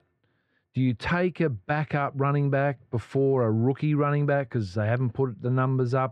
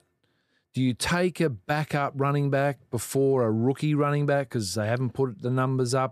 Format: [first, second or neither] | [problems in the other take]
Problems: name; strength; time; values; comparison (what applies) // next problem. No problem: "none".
second | muffled; slightly; fading above 2.5 kHz